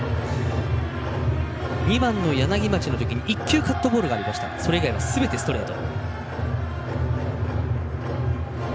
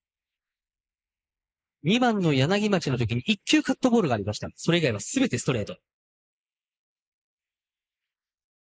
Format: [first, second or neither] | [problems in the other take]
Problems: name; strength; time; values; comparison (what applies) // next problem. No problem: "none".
first | noise reduction (neural mask model Resemble Enhance denoiser)